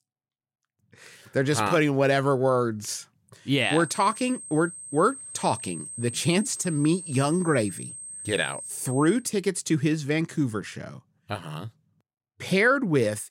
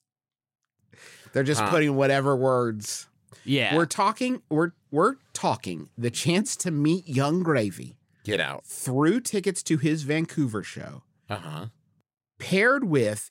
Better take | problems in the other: second | high-pitched whine; noticeable; from 3.5 to 9 s; 8.5 kHz, 10 dB below the speech

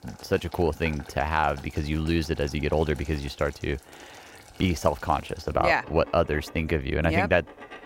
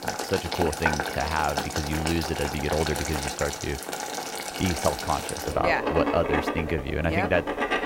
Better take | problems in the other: first | household noises; loud; throughout; 2 dB below the speech; faint in the first

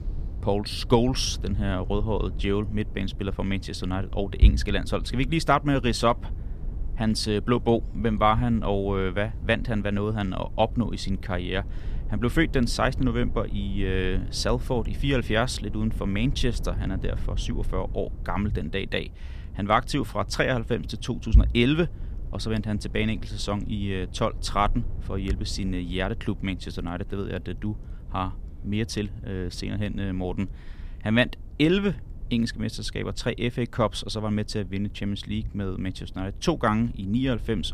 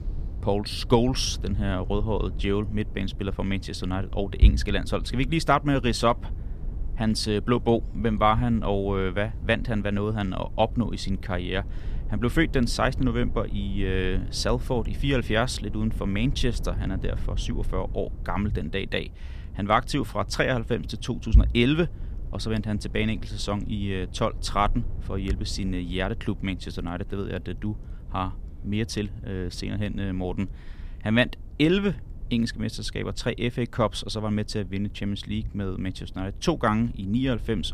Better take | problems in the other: neither | low rumble; faint; throughout; 20 dB below the speech; the same in both

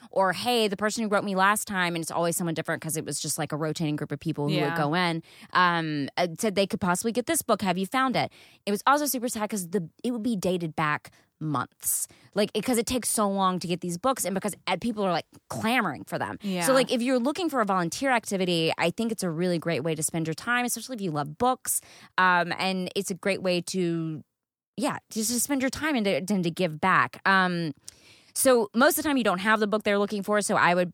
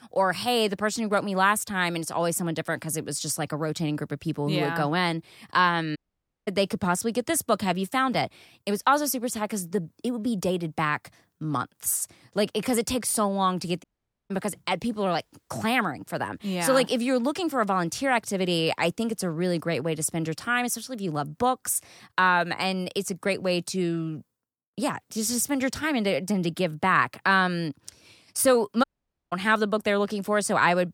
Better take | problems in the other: first | audio cutting out; at 6 s for 0.5 s, at 14 s and at 29 s

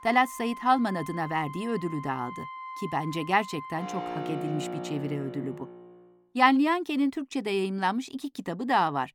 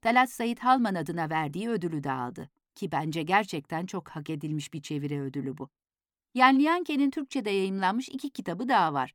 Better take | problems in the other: second | background music; noticeable; until 5.5 s; 10 dB below the speech

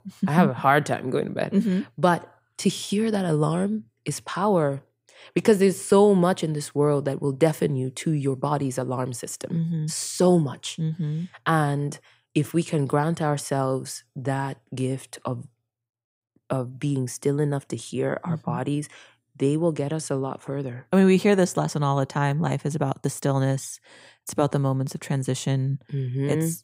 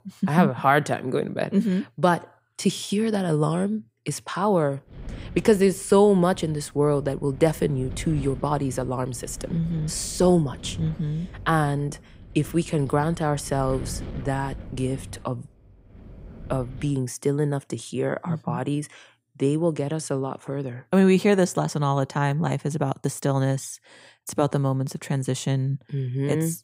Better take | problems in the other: first | wind noise on the microphone; occasional gusts; from 5 to 17 s; 20 dB below the speech

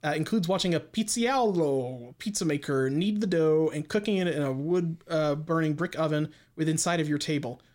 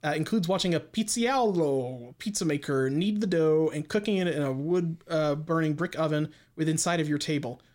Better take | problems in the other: neither | none

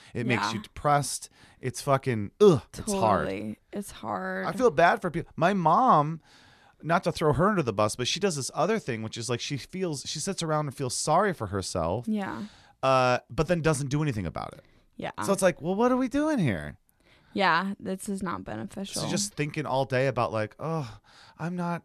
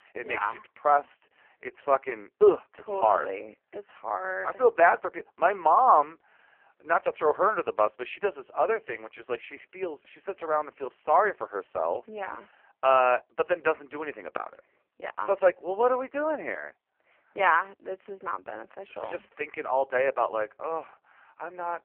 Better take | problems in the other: first | phone-call audio; poor line

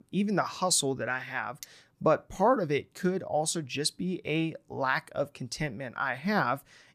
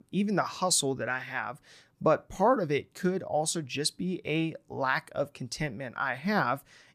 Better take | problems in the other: second | clattering dishes; very faint; at 1.5 s; peak 20 dB below the speech

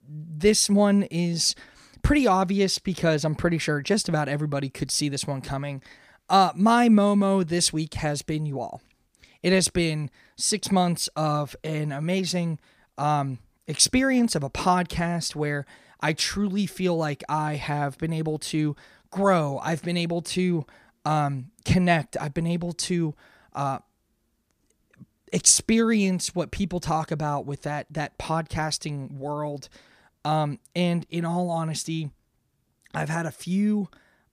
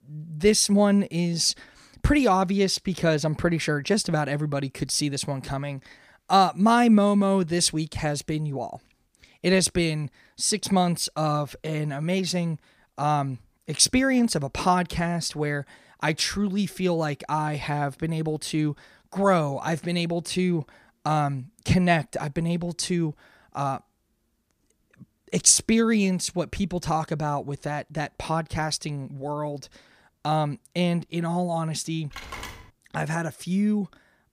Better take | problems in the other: first | phone ringing; faint; at 32 s; peak 10 dB below the speech

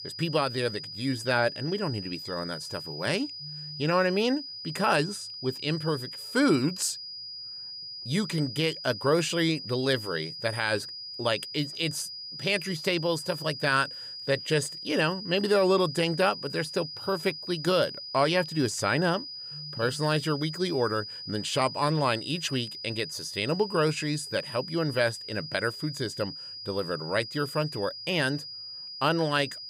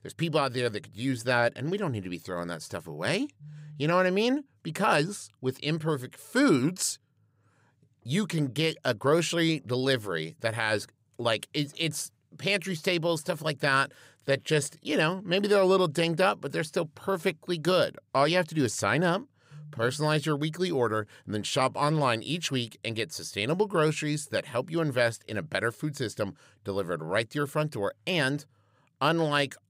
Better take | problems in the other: second | high-pitched whine; loud; throughout; 5 kHz, 9 dB below the speech

